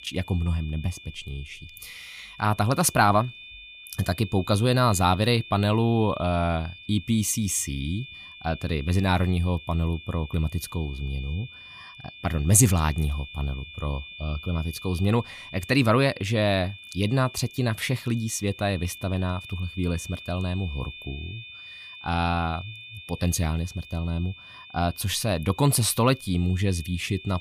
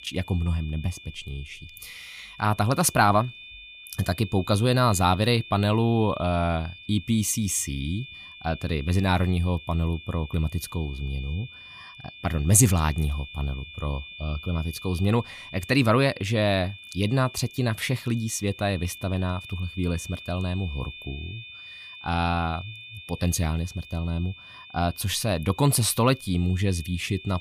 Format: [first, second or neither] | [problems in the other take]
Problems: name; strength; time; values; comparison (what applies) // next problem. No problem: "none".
neither | high-pitched whine; noticeable; throughout; 2.5 kHz, 15 dB below the speech; the same in both